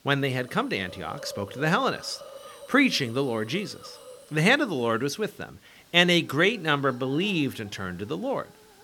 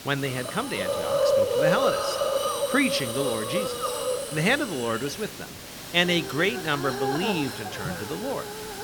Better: first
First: hiss; faint; throughout; 20 dB below the speech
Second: hiss; loud; throughout; 1 dB below the speech

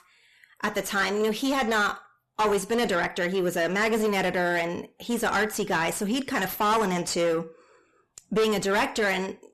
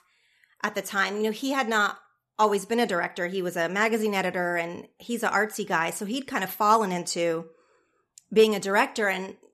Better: second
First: distortion; heavy; 6 dB below the speech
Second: none

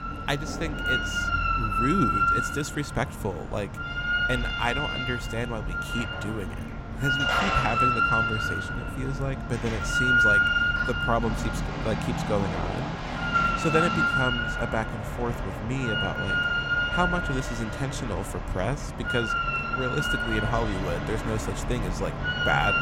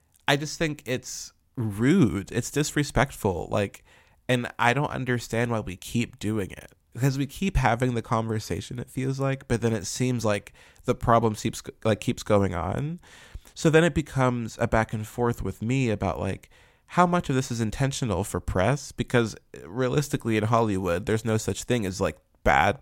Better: second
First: machinery noise; very loud; throughout; 4 dB above the speech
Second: none

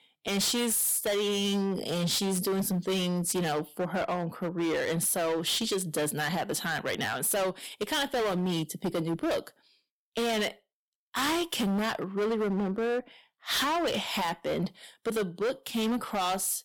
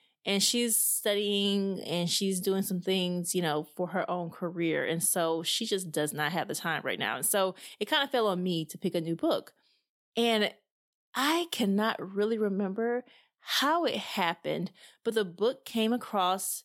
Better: second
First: distortion; heavy; 21% of the sound clipped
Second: none

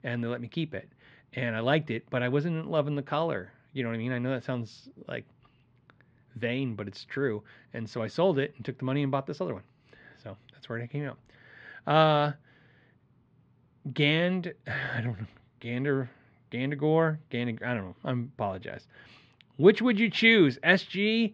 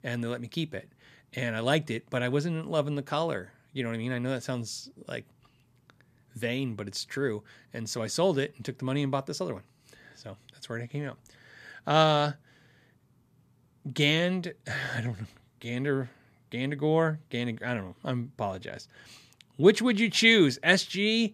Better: second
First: muffled; slightly; fading above 3 kHz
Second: none

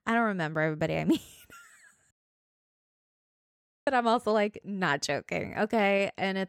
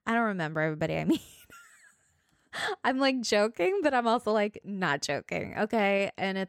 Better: second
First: audio cutting out; at 2 s for 2 s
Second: none

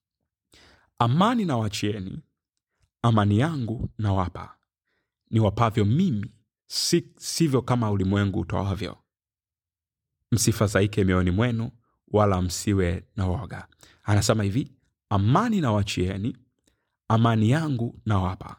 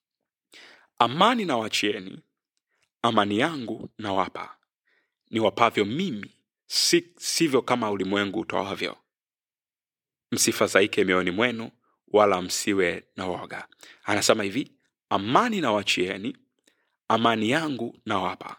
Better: first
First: none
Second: thin; somewhat; fading below 350 Hz

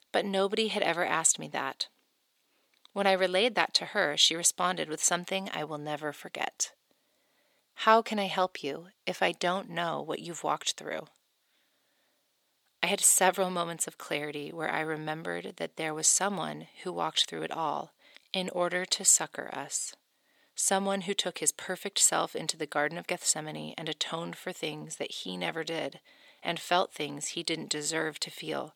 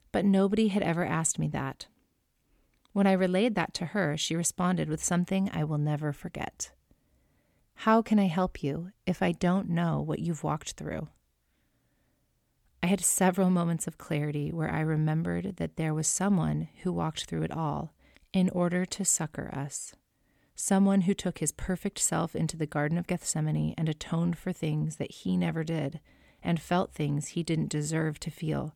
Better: second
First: thin; very; fading below 500 Hz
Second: none

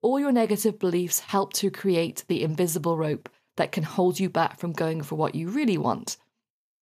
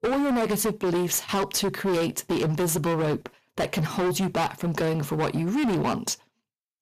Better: first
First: none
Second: distortion; heavy; 25% of the sound clipped

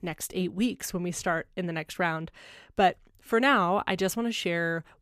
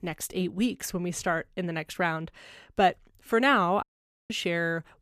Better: first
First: none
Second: audio cutting out; at 4 s

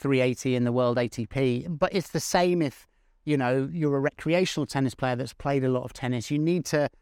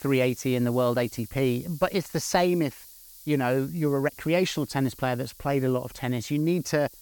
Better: first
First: none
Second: hiss; noticeable; throughout; 20 dB below the speech

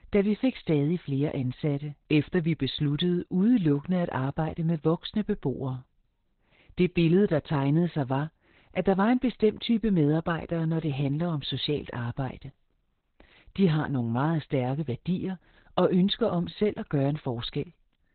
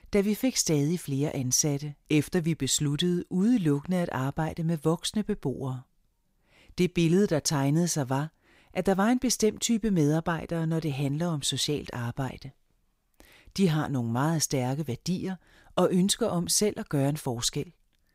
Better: second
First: garbled, watery; badly; nothing above 4 kHz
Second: none

